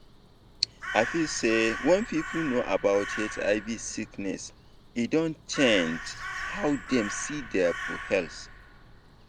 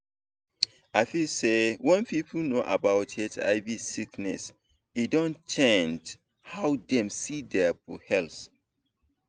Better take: second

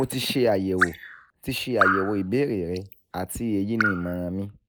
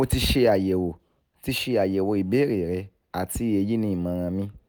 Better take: second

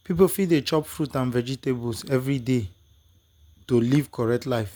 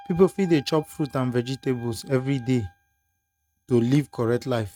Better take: first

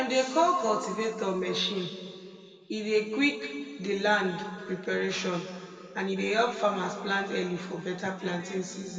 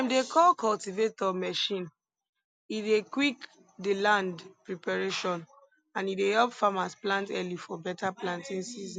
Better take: second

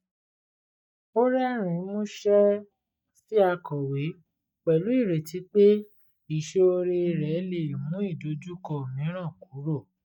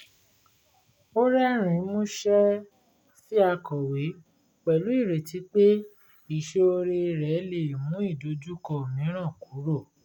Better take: second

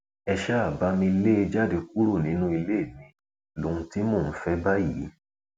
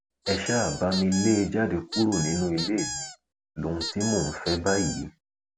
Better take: first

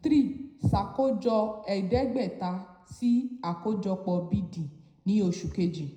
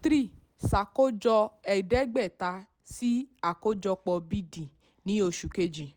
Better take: second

